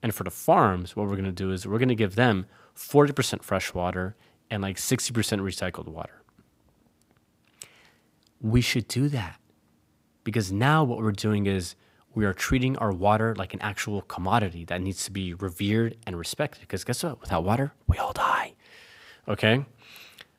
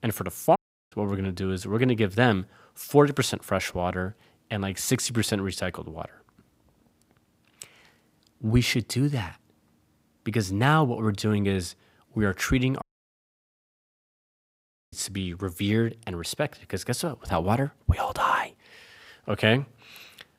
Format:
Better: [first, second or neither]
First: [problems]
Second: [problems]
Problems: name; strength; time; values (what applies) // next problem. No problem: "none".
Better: first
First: none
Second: audio cutting out; at 0.5 s and at 13 s for 2 s